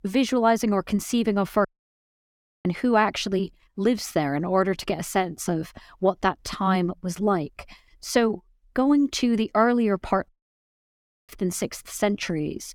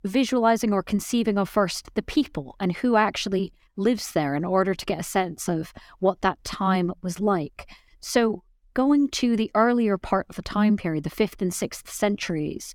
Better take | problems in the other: second | audio cutting out; at 1.5 s for 1 s and at 10 s for 1 s

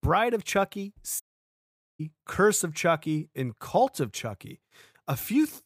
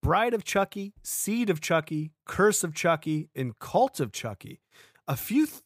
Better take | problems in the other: second | audio cutting out; at 1 s for 1 s

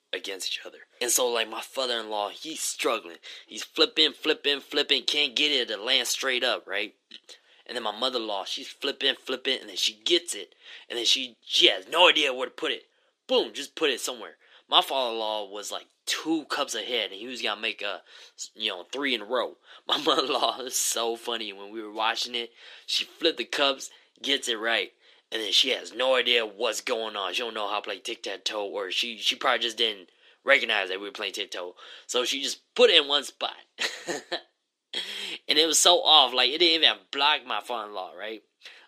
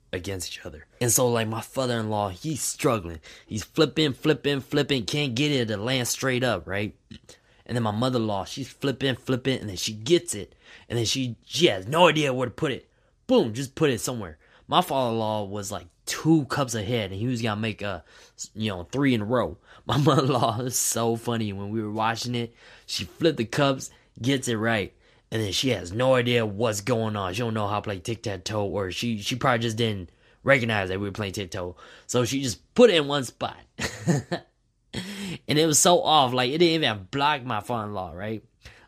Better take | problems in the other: second | thin; somewhat; fading below 350 Hz

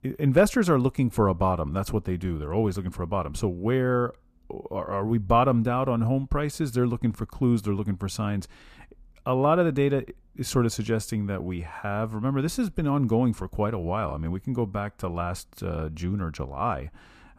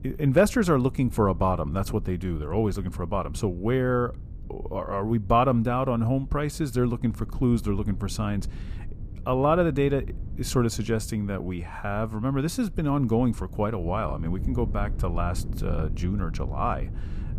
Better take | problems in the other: first | low rumble; faint; throughout; 20 dB below the speech

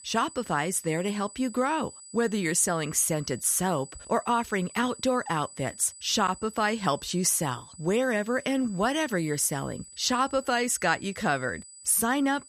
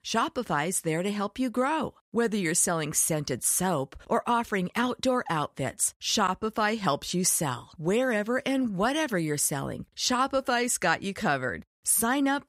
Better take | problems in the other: second | high-pitched whine; noticeable; throughout; 8 kHz, 20 dB below the speech

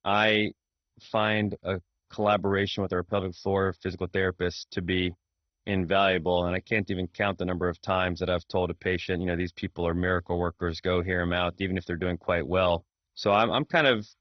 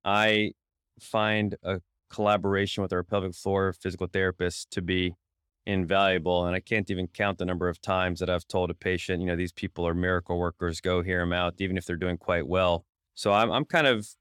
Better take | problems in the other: second | garbled, watery; badly; nothing above 6 kHz

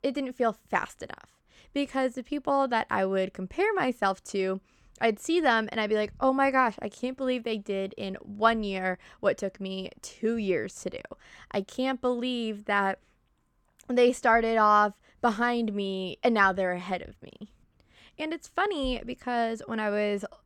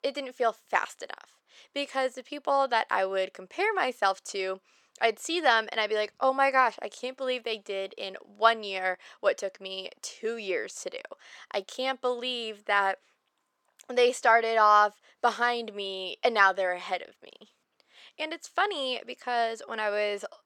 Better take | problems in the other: first | thin; somewhat; fading below 550 Hz

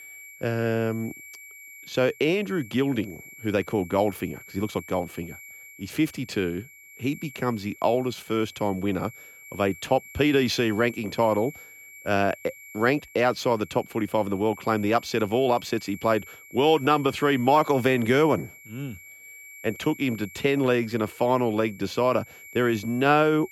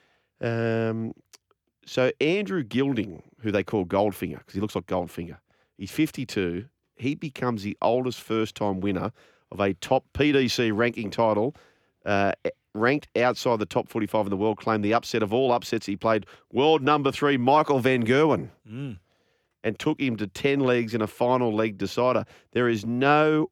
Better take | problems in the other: second | high-pitched whine; noticeable; throughout; 2.5 kHz, 20 dB below the speech

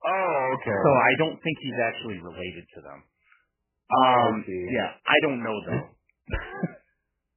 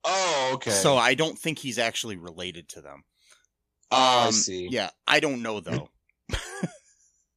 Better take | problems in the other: second | garbled, watery; badly; nothing above 3 kHz

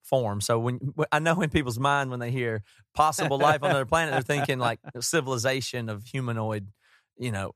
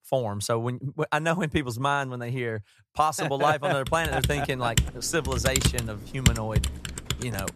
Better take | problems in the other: first | keyboard typing; loud; from 4 s on; peak 4 dB above the speech

